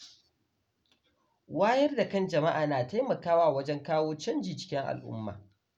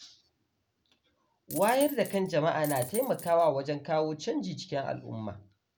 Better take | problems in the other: first | background sound (Coin (dropping)); 11 dB below the speech

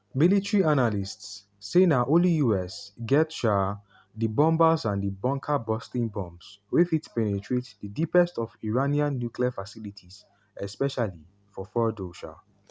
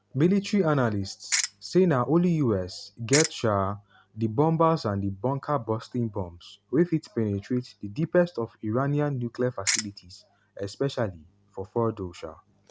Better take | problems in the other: first | background sound (Ratchet, pawl); 2 dB below the speech

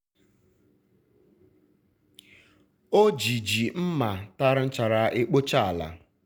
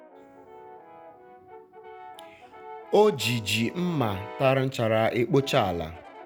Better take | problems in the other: first | background sound (Brass instrument); 18 dB below the speech

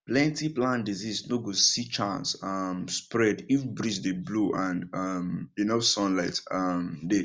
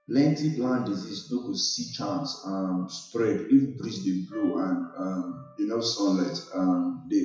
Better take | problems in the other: first | noise reduction (classical method WPE with log-MMSE)

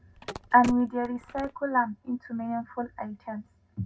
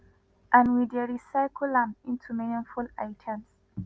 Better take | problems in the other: second | background sound (Telephone); 14 dB below the speech // room echo; dies away in 0.2 s

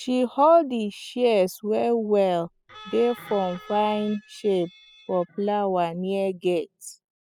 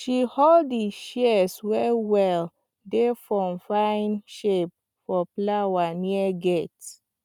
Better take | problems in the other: second | noise reduction (classical method spectral subtraction)

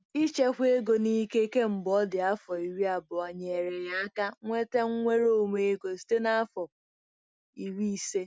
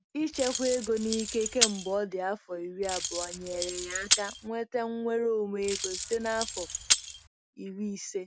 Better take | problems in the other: first | background sound (Keys jangling); as loud as the speech

